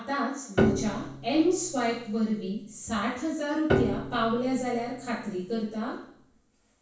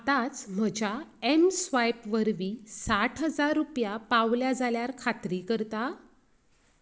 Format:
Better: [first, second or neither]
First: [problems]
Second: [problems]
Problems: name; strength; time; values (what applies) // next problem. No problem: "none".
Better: second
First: background sound (Piano); 4 dB below the speech // room echo; dies away in 0.7 s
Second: none